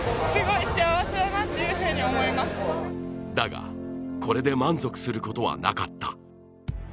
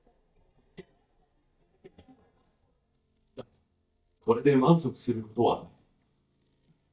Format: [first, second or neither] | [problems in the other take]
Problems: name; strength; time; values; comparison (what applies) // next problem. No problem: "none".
first | noise reduction (neural mask model DeepFilterNet 3)